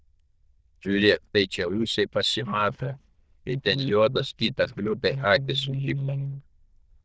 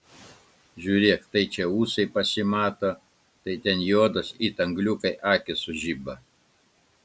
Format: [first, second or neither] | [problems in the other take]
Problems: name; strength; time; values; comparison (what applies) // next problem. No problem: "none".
second | noise reduction (neural diffusion model UNIVERSE++)